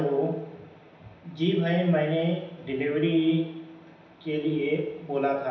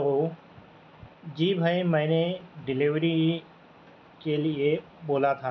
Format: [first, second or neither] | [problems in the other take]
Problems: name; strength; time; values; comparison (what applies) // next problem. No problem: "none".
second | room echo; dies away in 0.9 s